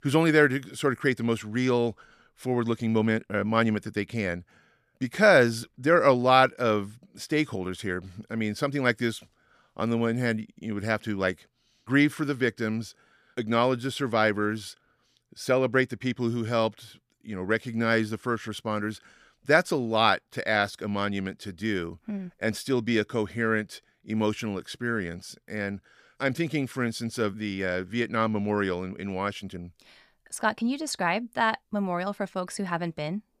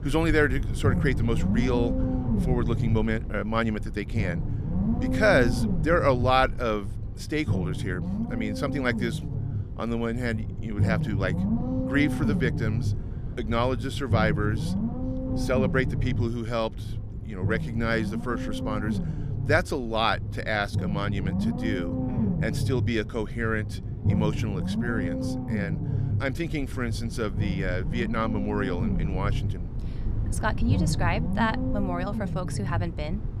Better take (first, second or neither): first